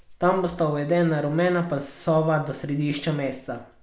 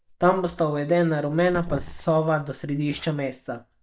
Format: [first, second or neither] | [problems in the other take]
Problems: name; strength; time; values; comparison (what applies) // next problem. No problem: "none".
first | noise reduction (neural mask model DeepFilterNet 3)